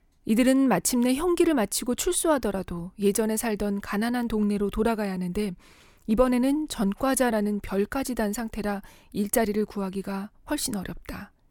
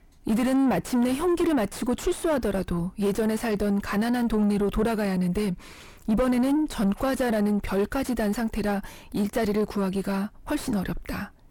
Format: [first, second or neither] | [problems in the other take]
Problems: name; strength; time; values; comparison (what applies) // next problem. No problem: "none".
first | distortion; heavy; 6 dB below the speech